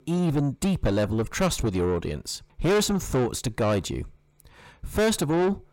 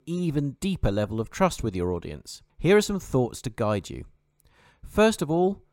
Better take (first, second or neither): second